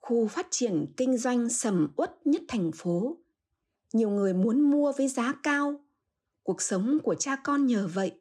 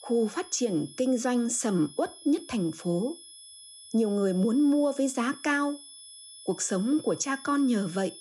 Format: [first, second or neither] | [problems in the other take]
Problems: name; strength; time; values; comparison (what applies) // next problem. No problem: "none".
first | high-pitched whine; noticeable; throughout; 10.5 kHz, 20 dB below the speech